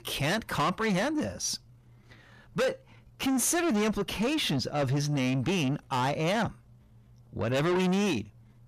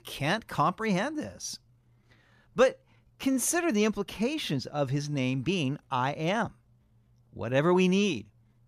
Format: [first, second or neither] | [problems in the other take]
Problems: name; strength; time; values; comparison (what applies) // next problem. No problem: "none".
second | distortion; heavy; 5 dB below the speech